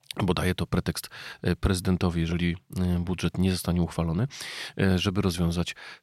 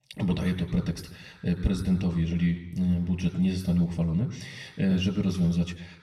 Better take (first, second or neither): first